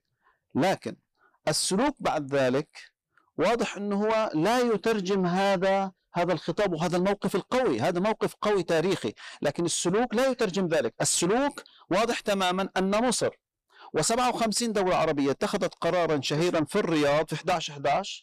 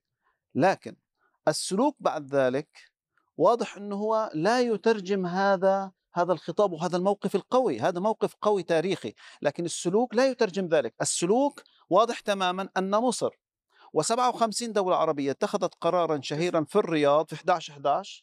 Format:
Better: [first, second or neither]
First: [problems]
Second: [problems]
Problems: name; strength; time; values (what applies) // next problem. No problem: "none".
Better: second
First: distortion; heavy; 6 dB below the speech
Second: none